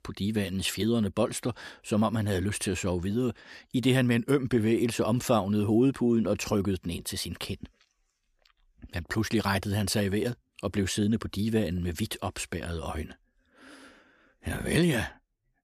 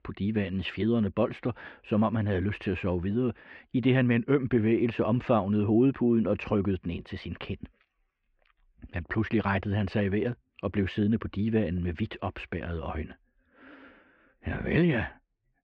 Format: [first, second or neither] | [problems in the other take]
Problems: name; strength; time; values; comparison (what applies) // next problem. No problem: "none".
first | muffled; very; fading above 2.5 kHz